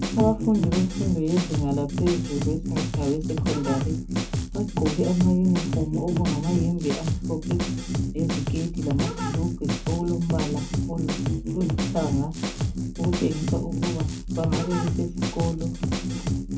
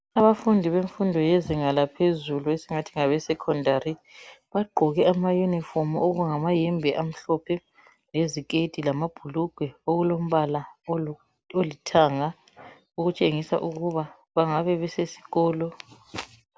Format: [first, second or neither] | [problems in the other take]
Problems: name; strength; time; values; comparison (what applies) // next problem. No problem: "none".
second | background sound (Drum kit); as loud as the speech // room echo; dies away in 0.3 s